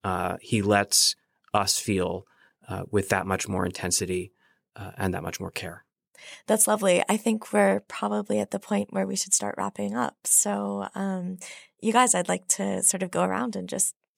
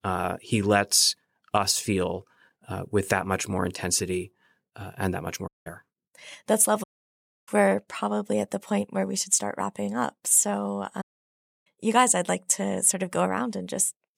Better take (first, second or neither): first